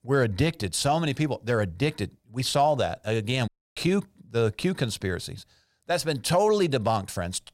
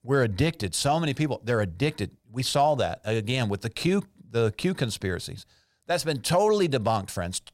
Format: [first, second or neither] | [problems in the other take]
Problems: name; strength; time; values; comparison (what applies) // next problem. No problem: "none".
second | audio cutting out; at 3.5 s